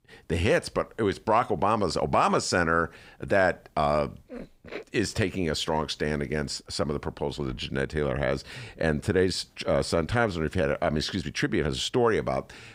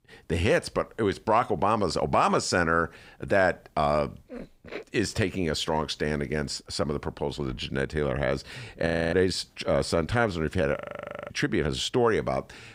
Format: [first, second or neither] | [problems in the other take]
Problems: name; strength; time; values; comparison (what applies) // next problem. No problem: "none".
first | audio freezing; at 9 s and at 11 s for 0.5 s